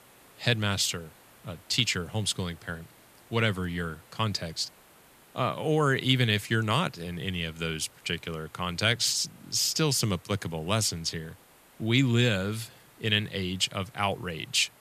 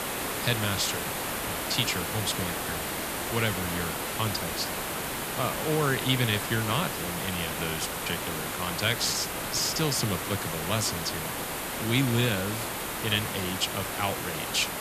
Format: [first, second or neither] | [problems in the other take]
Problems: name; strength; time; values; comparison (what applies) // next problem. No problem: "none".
first | hiss; loud; throughout; 2 dB below the speech; faint in the first